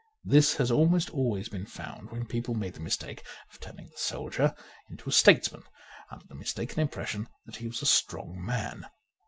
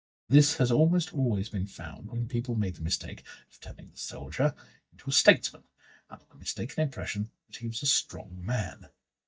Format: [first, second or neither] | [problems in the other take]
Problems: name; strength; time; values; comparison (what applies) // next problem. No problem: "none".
first | noise reduction (neural mask model DeepFilterNet 3)